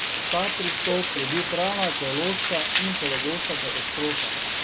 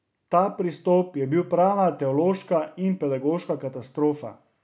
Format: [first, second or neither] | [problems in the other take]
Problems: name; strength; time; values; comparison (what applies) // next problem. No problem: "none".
second | background sound (Water); 3 dB above the speech